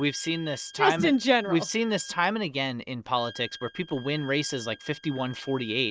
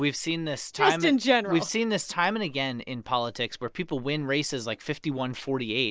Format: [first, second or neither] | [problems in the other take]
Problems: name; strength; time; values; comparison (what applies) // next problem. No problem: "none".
second | noise reduction (neural mask model RNNoise)